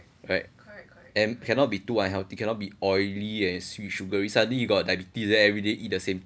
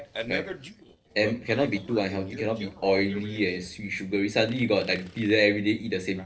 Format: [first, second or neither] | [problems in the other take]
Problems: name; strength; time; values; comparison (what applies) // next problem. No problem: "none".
first | noise reduction (neural separator model SepFormer DNS4)